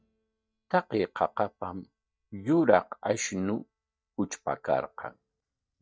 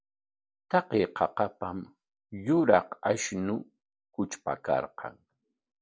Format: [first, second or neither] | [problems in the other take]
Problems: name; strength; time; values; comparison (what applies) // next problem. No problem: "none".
second | noise reduction (neural mask model DeepFilterNet 3)